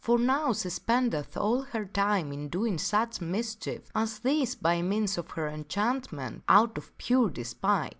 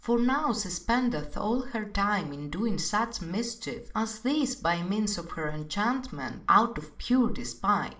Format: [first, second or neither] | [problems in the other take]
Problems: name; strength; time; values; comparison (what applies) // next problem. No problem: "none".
first | room echo; dies away in 0.4 s